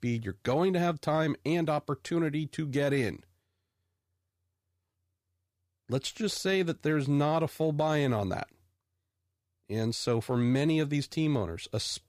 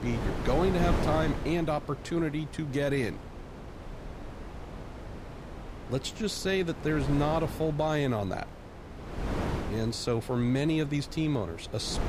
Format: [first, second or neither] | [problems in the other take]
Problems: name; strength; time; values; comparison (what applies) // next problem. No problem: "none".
first | wind noise on the microphone; heavy; 9 dB below the speech